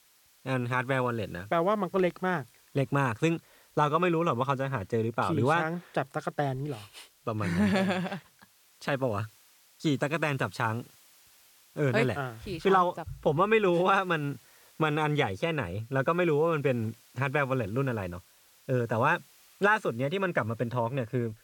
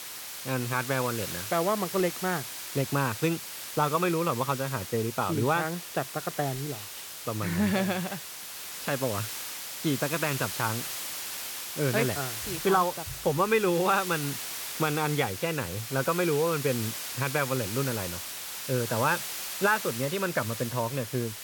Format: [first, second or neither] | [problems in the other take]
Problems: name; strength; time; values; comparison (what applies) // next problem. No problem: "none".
first | hiss; loud; throughout; 6 dB below the speech; faint in the first